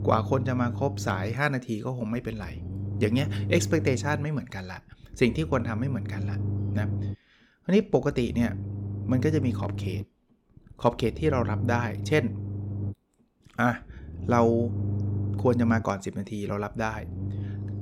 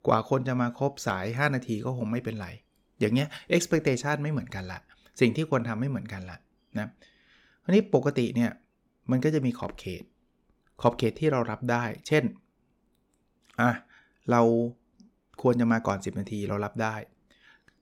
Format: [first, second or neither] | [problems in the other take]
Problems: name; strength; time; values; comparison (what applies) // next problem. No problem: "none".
second | low rumble; noticeable; throughout; 15 dB below the speech